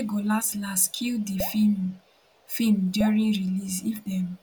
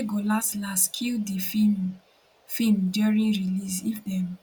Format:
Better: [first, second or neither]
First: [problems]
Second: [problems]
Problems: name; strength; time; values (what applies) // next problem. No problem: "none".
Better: second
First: background sound (Drip); 17 dB below the speech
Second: none